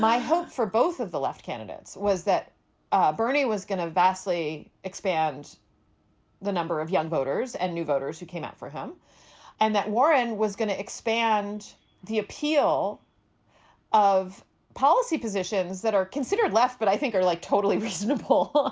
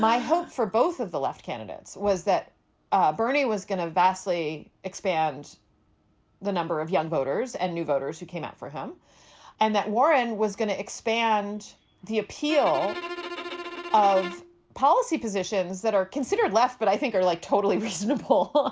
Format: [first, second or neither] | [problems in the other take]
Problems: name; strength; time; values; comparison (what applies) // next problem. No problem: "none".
first | background sound (Bowed string instrument); 10 dB below the speech